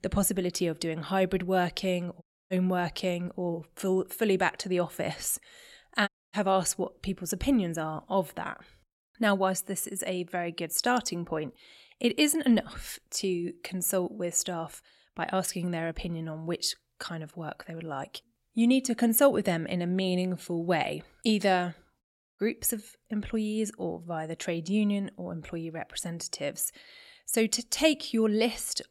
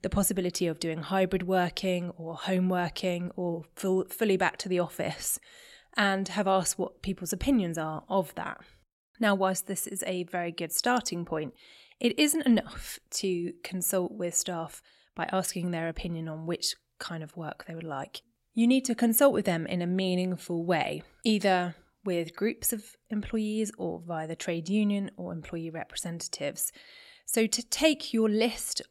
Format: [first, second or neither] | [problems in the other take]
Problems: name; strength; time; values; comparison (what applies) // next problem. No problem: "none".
second | audio cutting out; at 2 s, at 6 s and at 22 s